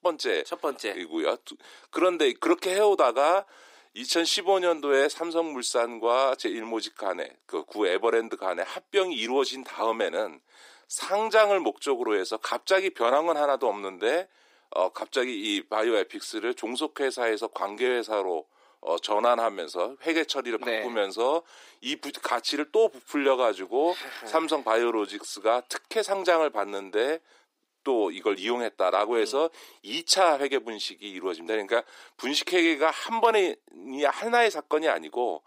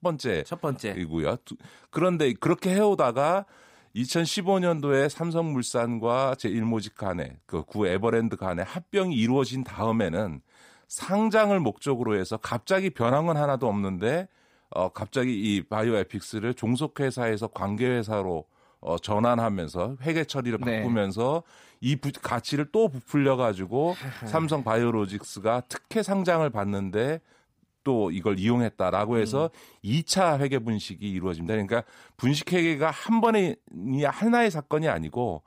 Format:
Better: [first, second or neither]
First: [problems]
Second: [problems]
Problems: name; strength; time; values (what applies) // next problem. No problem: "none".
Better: second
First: thin; very; fading below 300 Hz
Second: none